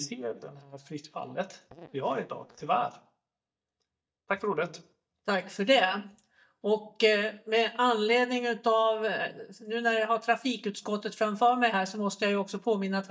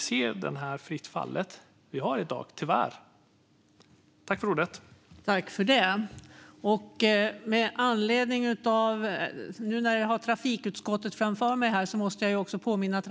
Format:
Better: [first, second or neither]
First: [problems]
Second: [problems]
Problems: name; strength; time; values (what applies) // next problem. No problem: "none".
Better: second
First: noise reduction (neural mask model DeepFilterNet 3)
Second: none